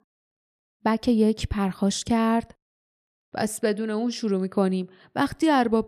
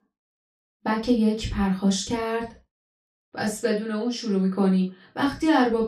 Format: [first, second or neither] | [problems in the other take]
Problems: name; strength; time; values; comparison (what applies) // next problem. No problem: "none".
first | room echo; noticeable; dies away in 0.2 s // off-mic speech; far